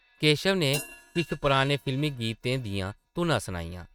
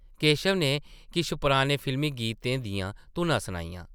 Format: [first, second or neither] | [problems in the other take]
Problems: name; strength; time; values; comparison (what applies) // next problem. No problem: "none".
second | noise reduction (neural mask model RNNoise)